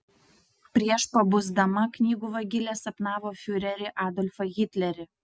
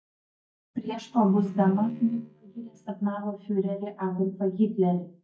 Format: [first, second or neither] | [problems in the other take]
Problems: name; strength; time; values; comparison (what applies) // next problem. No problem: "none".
first | noise reduction (neural mask model DeepFilterNet 3)